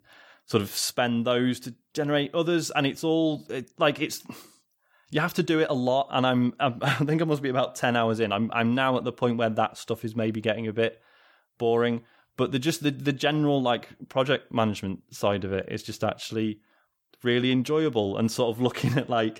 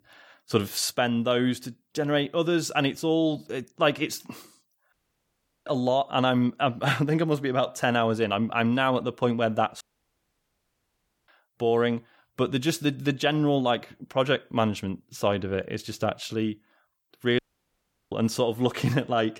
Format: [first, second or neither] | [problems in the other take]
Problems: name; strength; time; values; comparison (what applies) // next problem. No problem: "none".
first | audio cutting out; at 5 s for 0.5 s, at 10 s for 1.5 s and at 17 s for 0.5 s